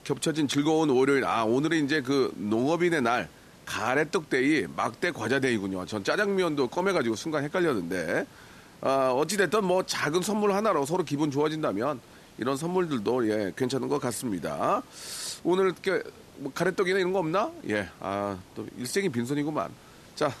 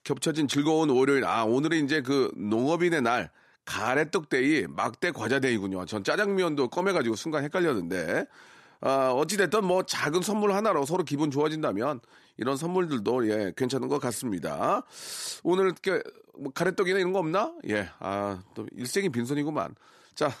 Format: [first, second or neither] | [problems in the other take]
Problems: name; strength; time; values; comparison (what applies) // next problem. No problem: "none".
second | hiss; faint; throughout; 25 dB below the speech